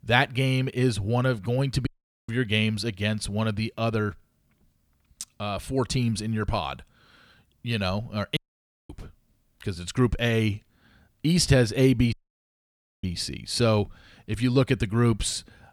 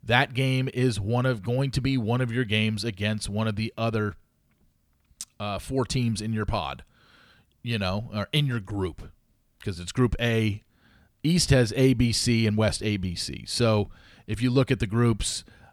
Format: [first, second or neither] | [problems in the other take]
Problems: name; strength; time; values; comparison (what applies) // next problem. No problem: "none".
second | audio cutting out; at 2 s, at 8.5 s for 0.5 s and at 12 s for 1 s